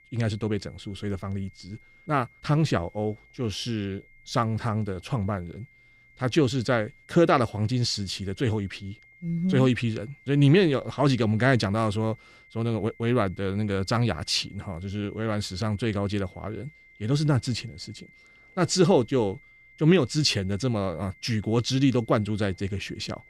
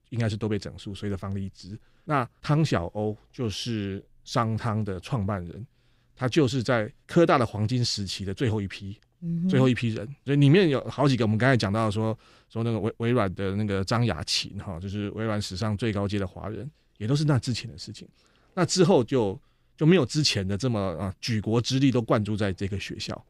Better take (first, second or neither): second